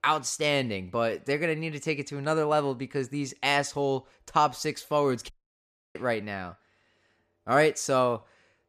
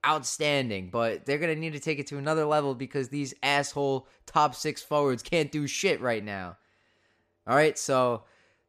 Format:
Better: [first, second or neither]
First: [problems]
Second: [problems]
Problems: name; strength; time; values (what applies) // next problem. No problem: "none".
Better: second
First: audio cutting out; at 5.5 s for 0.5 s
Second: none